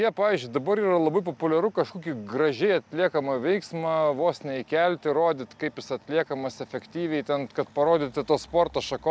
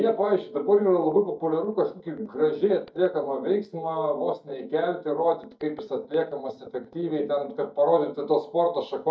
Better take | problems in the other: first | noise reduction (neural mask model DeepFilterNet 3)

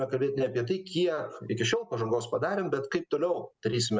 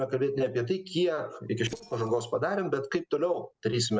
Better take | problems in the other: first | noise reduction (neural separator model SepFormer DNS4)

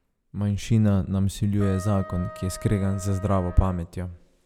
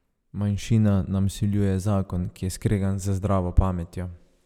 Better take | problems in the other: second | background sound (Trumpet); 18 dB below the speech

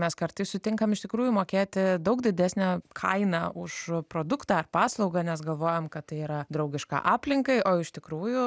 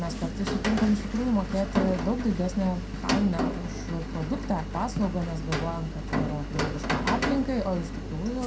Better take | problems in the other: first | background sound (Rain); 2 dB below the speech // room echo; dies away in 0.2 s

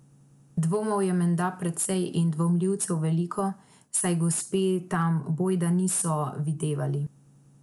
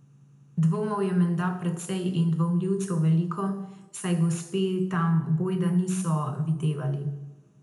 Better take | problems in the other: first | room echo; dies away in 0.8 s

